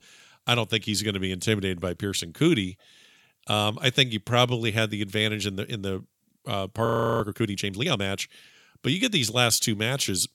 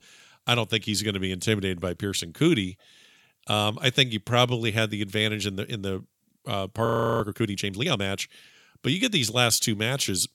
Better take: neither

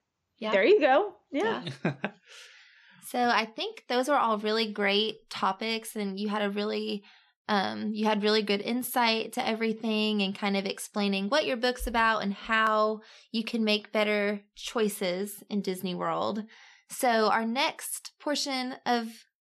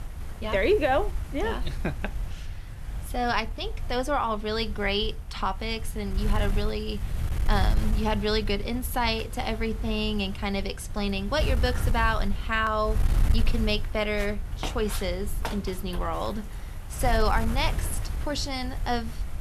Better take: first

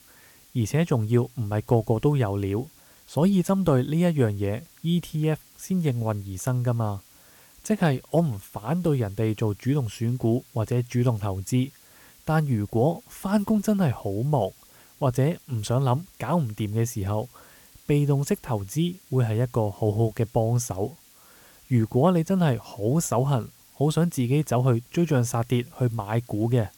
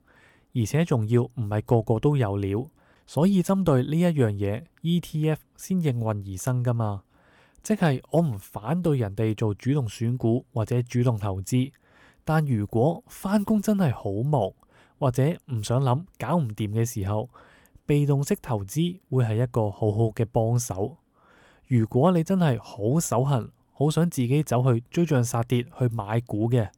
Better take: second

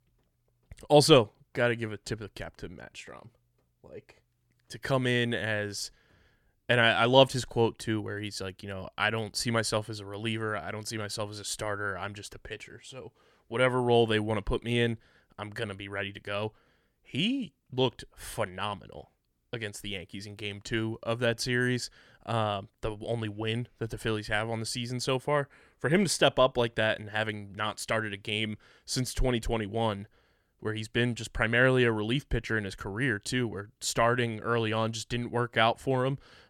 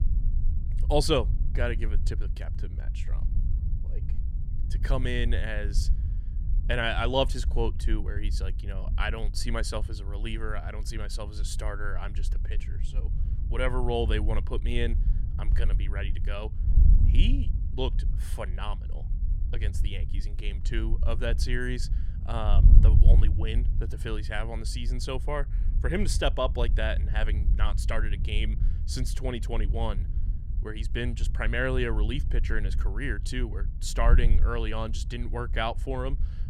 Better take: first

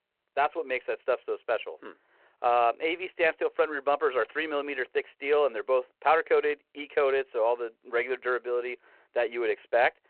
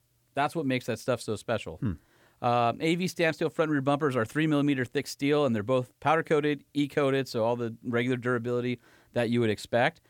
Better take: second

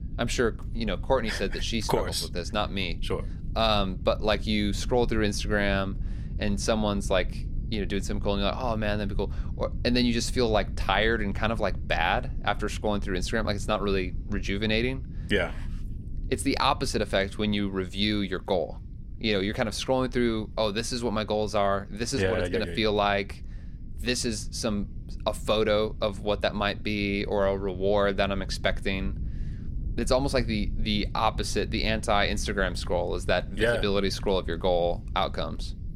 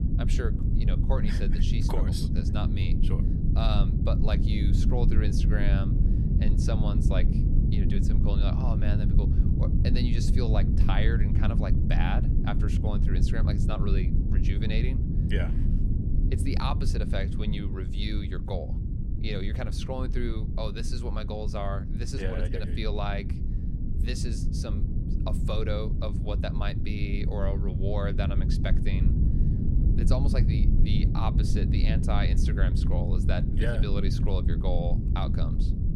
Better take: first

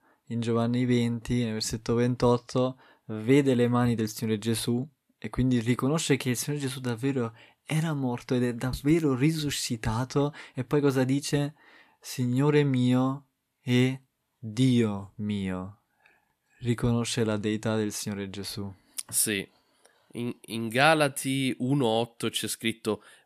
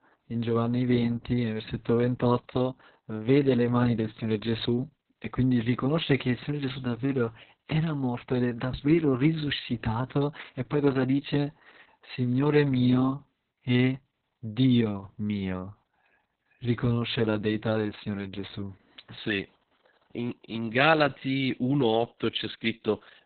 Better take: first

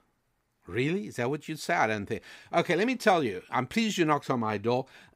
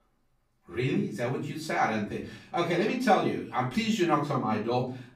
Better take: first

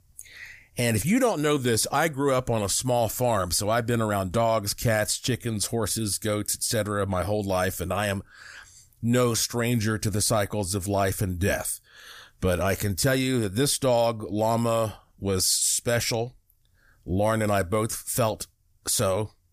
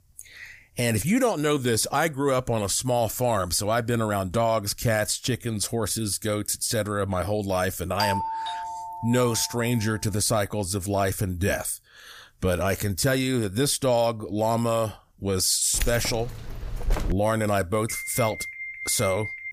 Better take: first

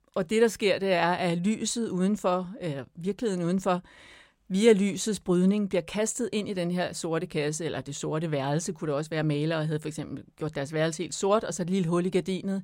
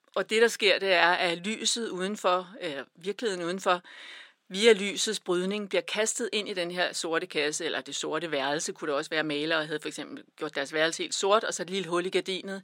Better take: first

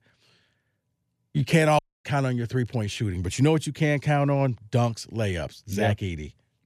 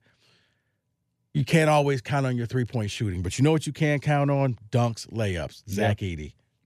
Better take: second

